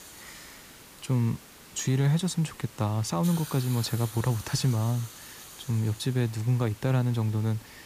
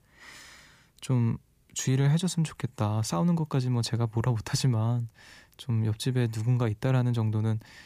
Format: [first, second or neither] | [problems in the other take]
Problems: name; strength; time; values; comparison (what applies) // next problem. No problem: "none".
second | hiss; noticeable; throughout; 15 dB below the speech